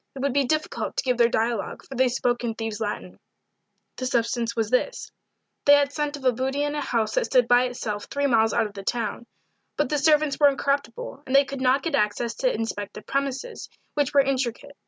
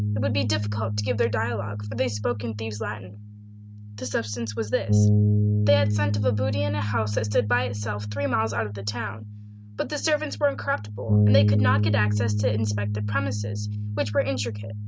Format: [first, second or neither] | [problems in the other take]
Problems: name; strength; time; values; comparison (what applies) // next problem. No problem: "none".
first | background sound (Bass guitar); 3 dB above the speech